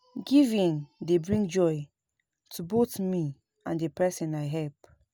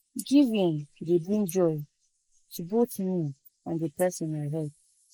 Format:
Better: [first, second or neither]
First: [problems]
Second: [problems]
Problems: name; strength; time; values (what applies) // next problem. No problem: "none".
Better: first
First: none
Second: noise reduction (neural mask model Resemble Enhance denoiser)